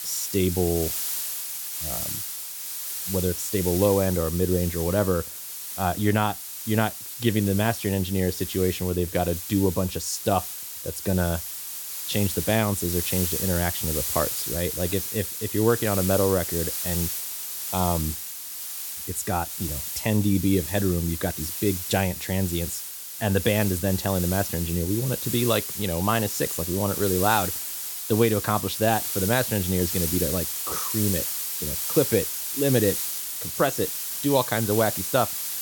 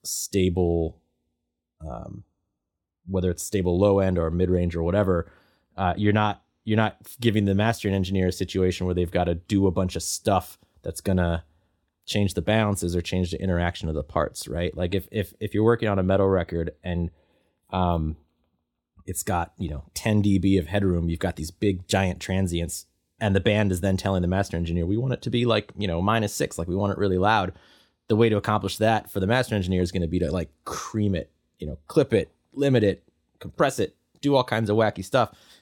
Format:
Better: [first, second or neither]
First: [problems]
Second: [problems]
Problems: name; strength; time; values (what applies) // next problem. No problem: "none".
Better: second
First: hiss; loud; throughout; 3 dB below the speech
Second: none